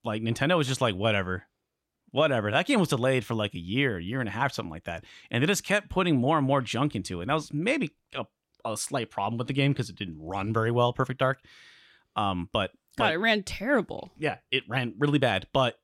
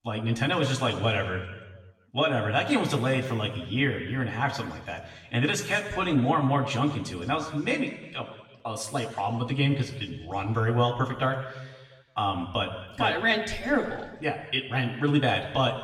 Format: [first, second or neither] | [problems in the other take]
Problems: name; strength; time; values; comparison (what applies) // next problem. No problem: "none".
first | room echo; noticeable; dies away in 1.2 s // off-mic speech; far